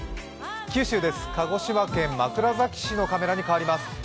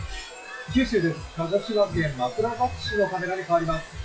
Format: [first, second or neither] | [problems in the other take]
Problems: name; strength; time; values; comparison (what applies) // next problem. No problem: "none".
first | noise reduction (classical method WPE with log-MMSE)